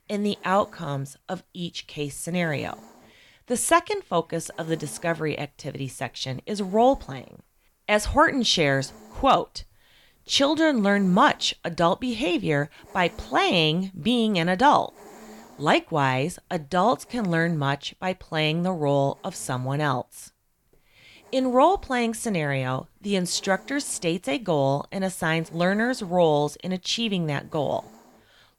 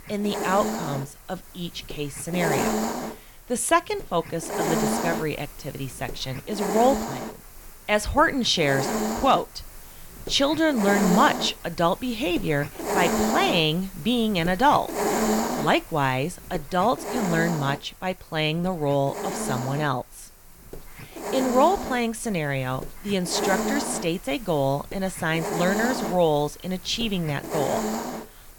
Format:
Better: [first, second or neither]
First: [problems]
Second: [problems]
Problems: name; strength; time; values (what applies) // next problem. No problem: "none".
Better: first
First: hiss; faint; throughout; 25 dB below the speech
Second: hiss; loud; throughout; 4 dB below the speech